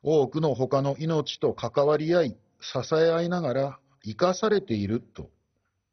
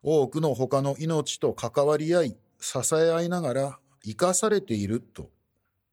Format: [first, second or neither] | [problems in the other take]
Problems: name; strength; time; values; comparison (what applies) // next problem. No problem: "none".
second | garbled, watery; badly; nothing above 6 kHz